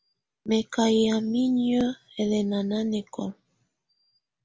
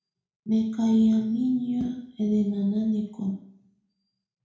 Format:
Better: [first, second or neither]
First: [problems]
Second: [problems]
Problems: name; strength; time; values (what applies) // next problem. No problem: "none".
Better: first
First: none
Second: room echo; dies away in 0.6 s